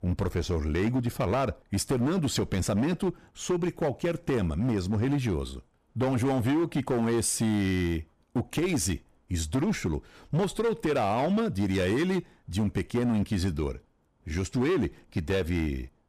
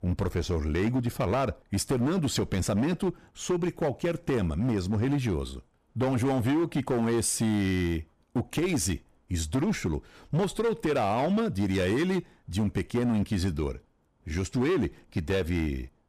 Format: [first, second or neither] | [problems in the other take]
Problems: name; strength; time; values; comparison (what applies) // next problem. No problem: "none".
neither | distortion; slight; 13% of the sound clipped; the same in both